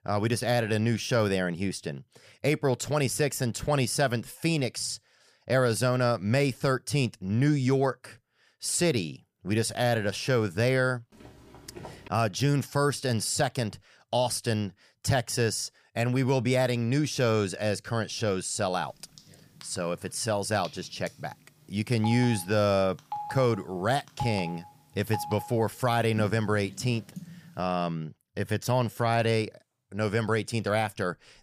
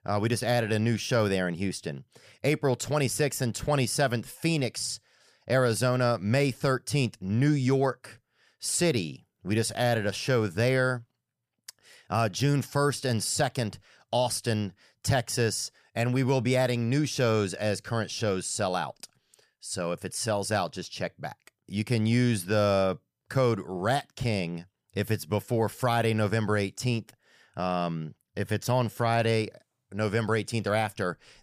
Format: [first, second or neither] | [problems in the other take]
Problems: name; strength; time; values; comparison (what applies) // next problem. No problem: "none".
second | footsteps; faint; at 11 s; peak 15 dB below the speech // phone ringing; noticeable; from 19 to 27 s; peak 9 dB below the speech